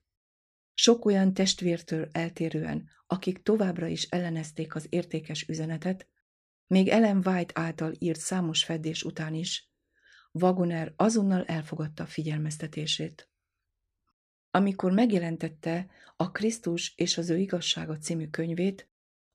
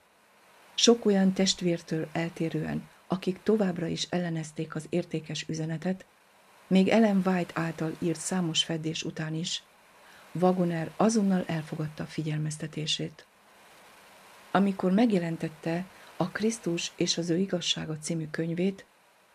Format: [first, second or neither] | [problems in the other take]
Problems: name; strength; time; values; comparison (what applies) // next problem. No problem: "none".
first | wind noise on the microphone; occasional gusts; 25 dB below the speech